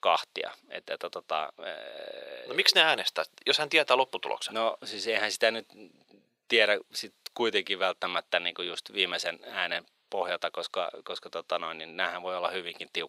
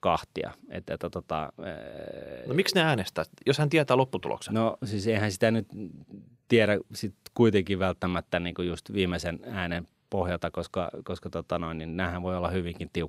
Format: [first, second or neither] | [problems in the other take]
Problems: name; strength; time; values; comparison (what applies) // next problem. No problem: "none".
second | thin; very; fading below 600 Hz